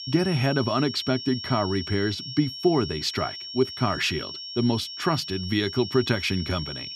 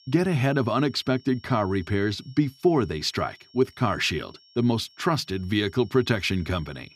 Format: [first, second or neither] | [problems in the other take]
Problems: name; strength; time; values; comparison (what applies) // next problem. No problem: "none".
second | high-pitched whine; loud; throughout; 5.5 kHz, 8 dB below the speech; faint in the second